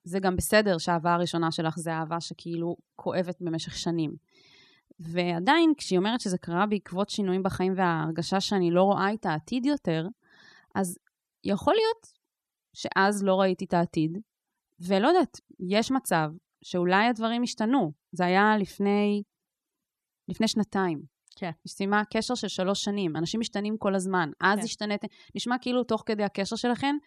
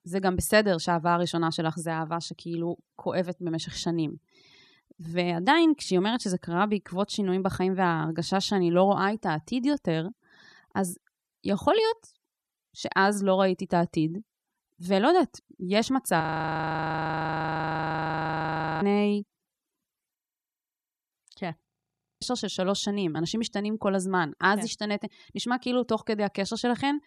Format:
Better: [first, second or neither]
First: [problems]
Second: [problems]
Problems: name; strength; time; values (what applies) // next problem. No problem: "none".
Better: first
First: none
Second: audio freezing; at 16 s for 2.5 s, at 20 s for 1 s and at 22 s for 0.5 s